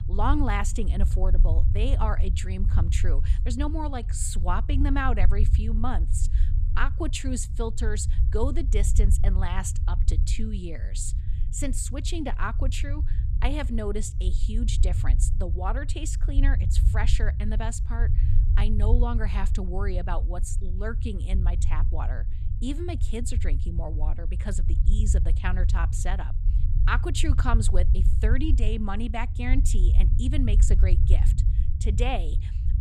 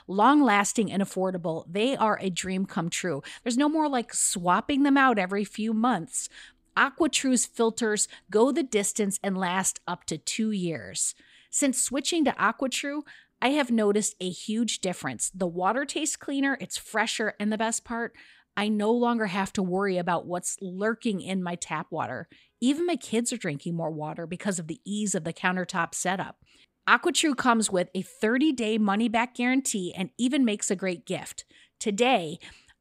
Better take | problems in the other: second | low rumble; noticeable; throughout; 10 dB below the speech

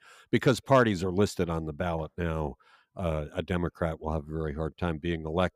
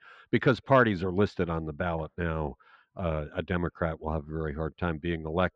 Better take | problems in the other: first | muffled; slightly; fading above 3.5 kHz

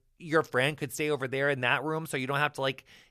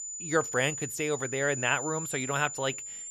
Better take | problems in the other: first | high-pitched whine; loud; throughout; 7 kHz, 6 dB below the speech

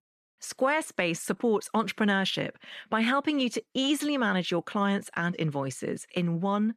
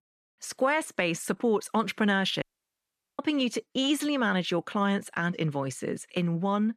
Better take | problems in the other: first | audio cutting out; at 2.5 s for 1 s

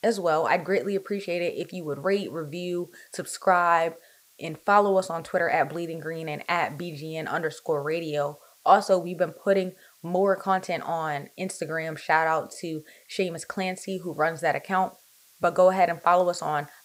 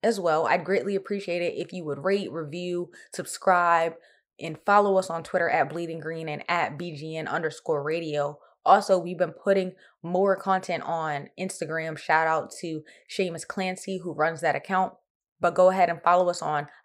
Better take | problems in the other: second | hiss; faint; throughout; 30 dB below the speech

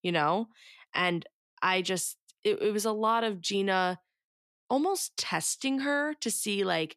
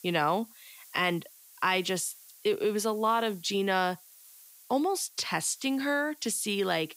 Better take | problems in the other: first | hiss; faint; throughout; 20 dB below the speech

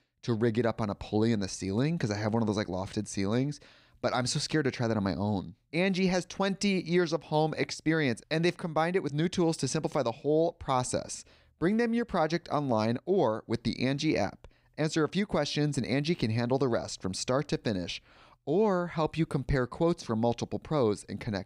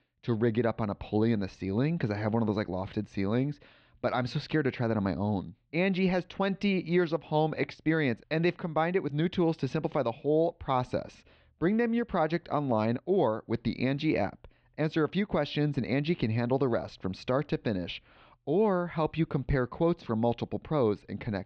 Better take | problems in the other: first | muffled; slightly; fading above 3.5 kHz

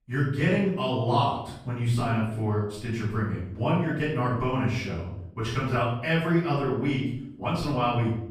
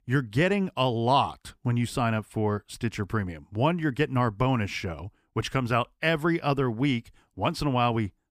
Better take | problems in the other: second | off-mic speech; far // room echo; noticeable; dies away in 0.7 s

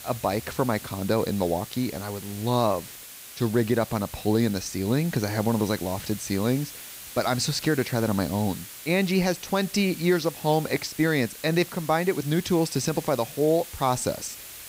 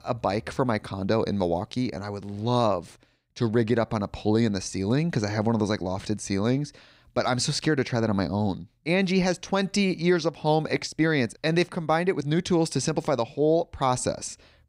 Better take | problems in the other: second | hiss; noticeable; throughout; 15 dB below the speech

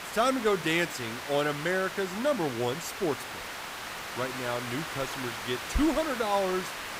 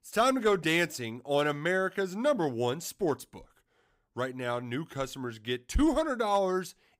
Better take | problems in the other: second | hiss; loud; throughout; 6 dB below the speech

